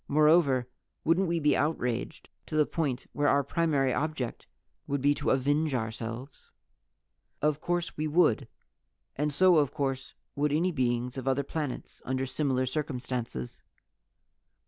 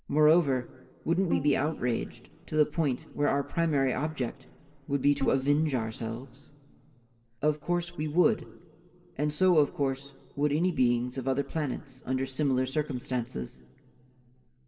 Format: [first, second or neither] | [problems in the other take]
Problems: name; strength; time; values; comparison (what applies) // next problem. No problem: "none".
first | background sound (Bowed string instrument); 11 dB below the speech // room echo; dies away in 1.9 s